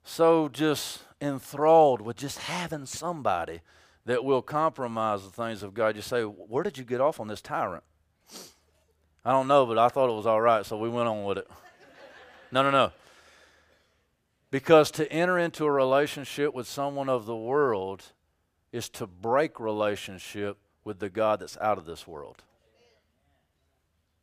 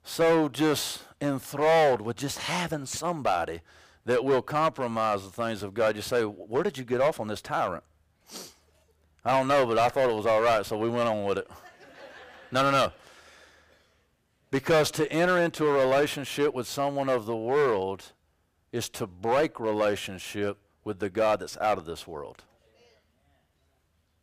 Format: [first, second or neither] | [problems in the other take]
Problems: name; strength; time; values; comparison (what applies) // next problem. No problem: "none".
first | distortion; heavy; 5% of the sound clipped